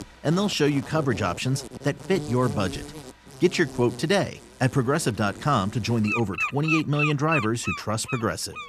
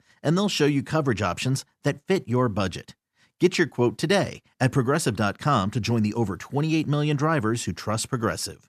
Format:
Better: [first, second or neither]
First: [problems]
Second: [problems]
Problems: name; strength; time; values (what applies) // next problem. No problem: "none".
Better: second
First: animal sounds; loud; throughout; 7 dB below the speech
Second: none